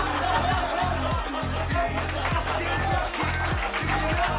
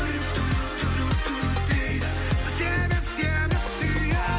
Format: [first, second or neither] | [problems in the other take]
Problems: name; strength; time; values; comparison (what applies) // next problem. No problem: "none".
second | background sound (Applause); 1 dB above the speech